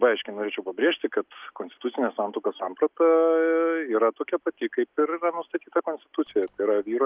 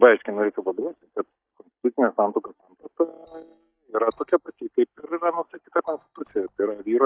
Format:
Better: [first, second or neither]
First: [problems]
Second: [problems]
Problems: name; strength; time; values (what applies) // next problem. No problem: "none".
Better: first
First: none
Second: noise reduction (neural mask model DeepFilterNet 3)